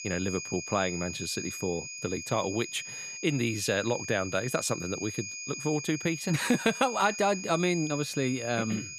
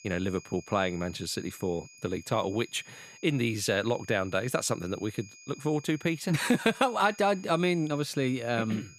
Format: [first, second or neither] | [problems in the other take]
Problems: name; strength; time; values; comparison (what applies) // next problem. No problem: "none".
second | high-pitched whine; loud; throughout; 2.5 kHz, 7 dB below the speech; faint in the second